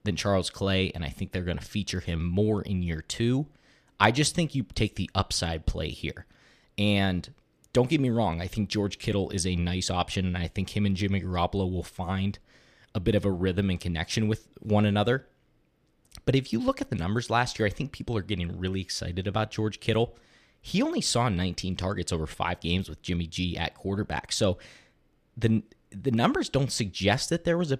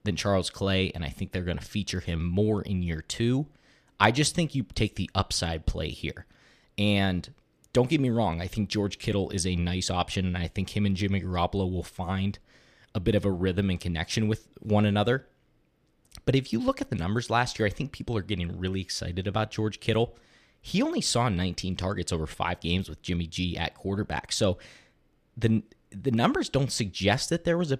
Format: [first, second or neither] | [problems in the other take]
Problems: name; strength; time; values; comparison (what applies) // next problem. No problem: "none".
neither | none